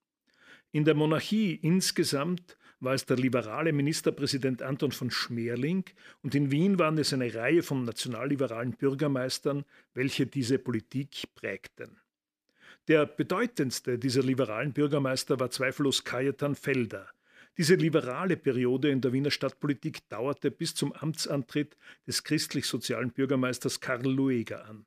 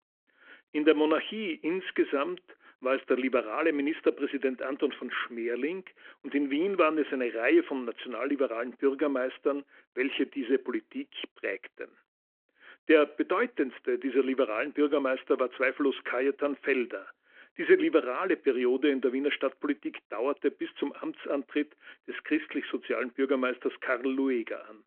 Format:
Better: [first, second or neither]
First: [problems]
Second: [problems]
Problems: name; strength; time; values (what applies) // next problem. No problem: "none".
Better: first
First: none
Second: phone-call audio